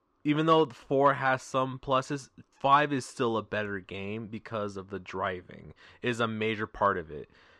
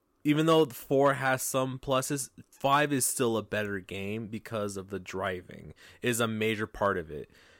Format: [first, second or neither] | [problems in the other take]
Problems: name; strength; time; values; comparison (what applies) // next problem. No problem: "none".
second | muffled; slightly; fading above 5 kHz